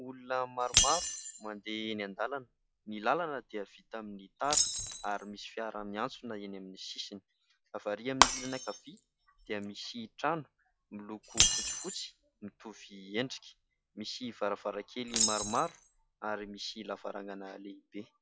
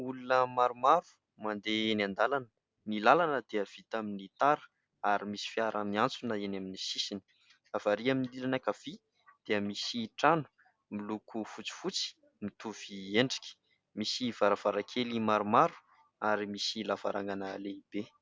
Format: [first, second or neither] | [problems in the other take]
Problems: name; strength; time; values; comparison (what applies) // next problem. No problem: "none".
second | noise reduction (classical method log-MMSE)